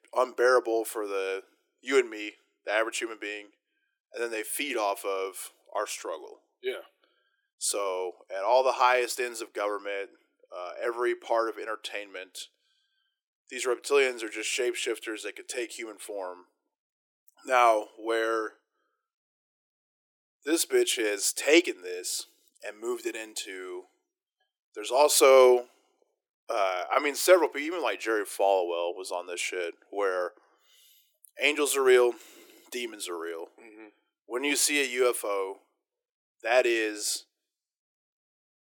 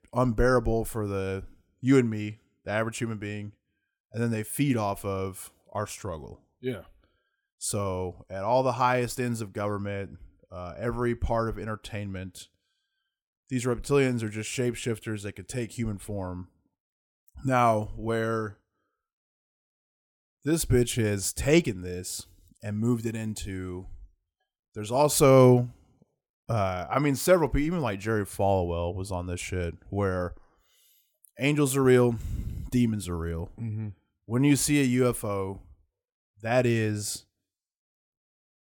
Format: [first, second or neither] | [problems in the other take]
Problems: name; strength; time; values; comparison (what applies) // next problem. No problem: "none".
second | thin; very; fading below 350 Hz